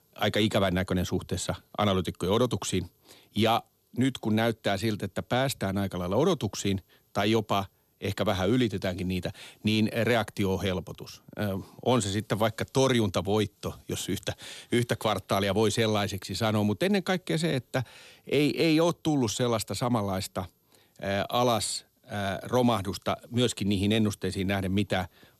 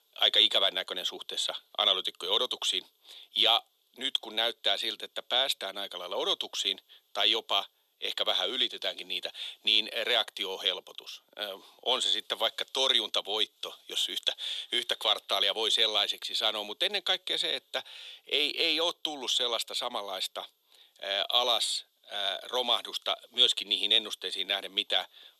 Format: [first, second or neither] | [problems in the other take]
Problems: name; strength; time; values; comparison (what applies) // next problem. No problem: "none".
first | thin; very; fading below 500 Hz